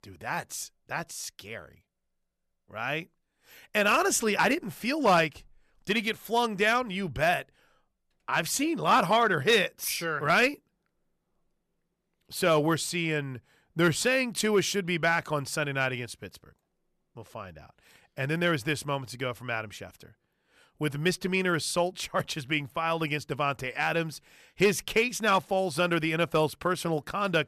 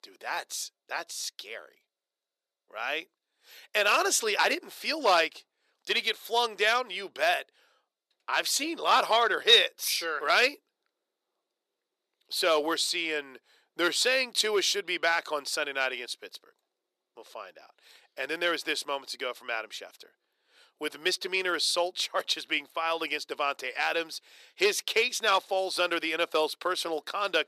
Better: first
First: none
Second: thin; very; fading below 350 Hz

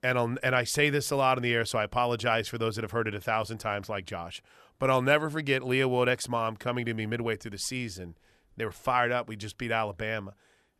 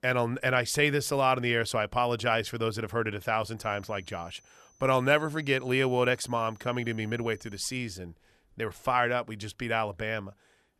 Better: first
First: none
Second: high-pitched whine; faint; from 3.5 to 8 s; 6 kHz, 30 dB below the speech

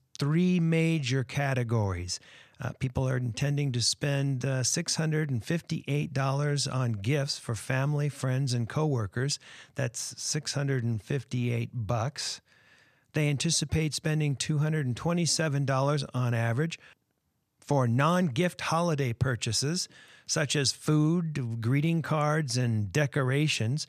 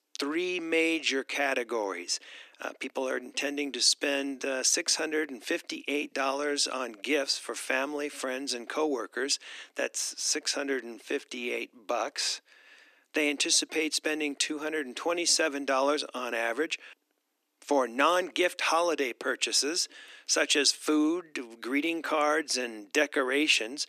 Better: first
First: none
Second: thin; somewhat; fading below 300 Hz

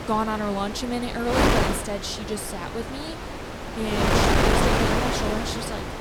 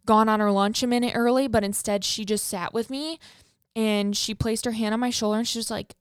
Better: second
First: wind noise on the microphone; heavy; 4 dB above the speech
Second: none

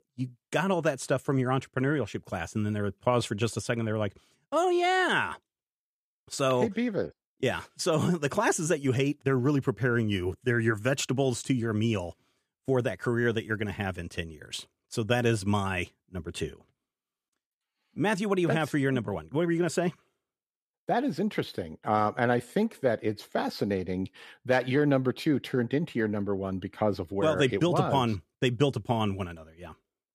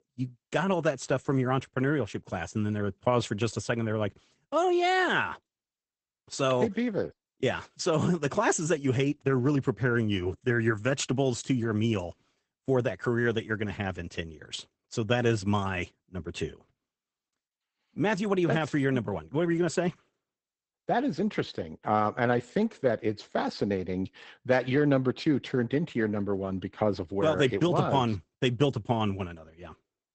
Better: first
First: none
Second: garbled, watery; badly; nothing above 8 kHz

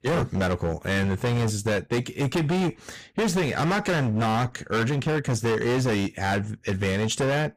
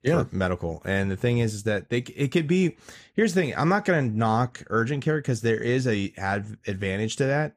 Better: second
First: distortion; heavy; 25% of the sound clipped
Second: none

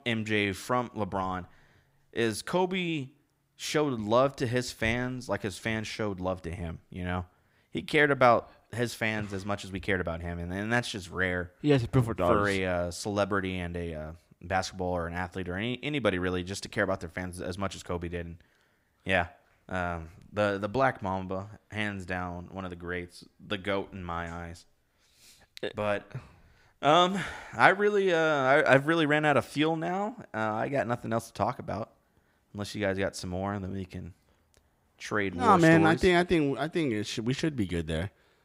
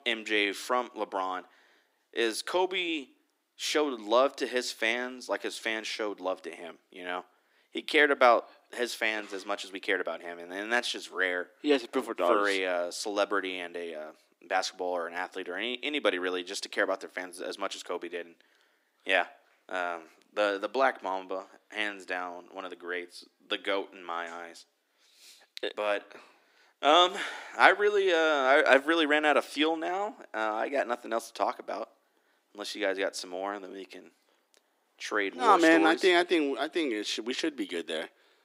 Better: first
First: none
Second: thin; somewhat; fading below 300 Hz

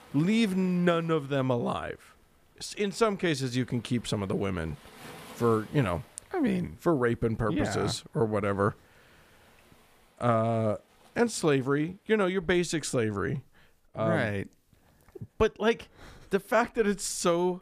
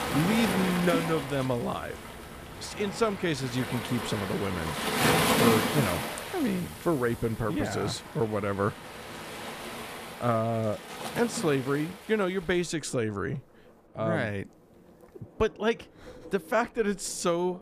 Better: first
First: rain or running water; faint; throughout; 25 dB below the speech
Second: rain or running water; loud; throughout; 2 dB below the speech

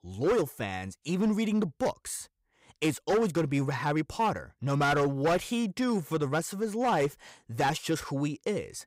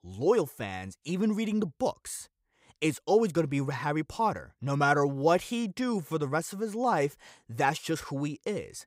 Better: second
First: distortion; slight; 7% of the sound clipped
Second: none

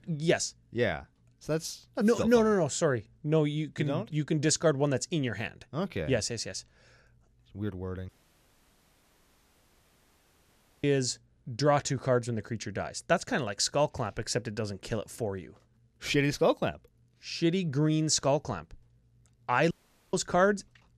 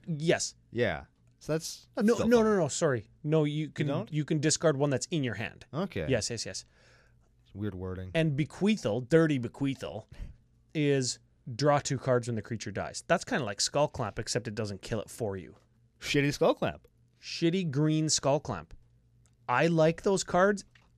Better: second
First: audio cutting out; at 8 s for 2.5 s and at 20 s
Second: none

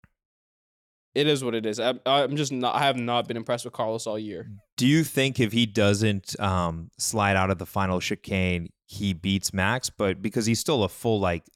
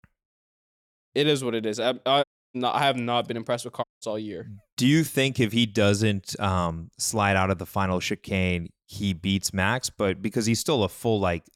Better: first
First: none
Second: audio cutting out; at 2 s and at 4 s

